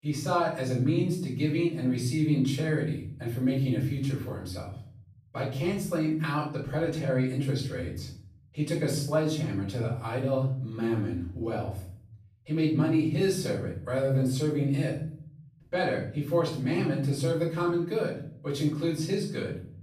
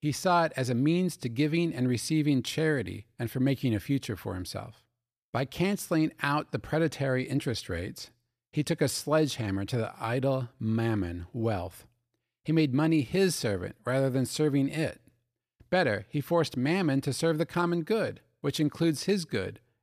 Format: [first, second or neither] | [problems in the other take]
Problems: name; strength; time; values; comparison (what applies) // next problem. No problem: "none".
second | room echo; noticeable; dies away in 0.7 s // off-mic speech; far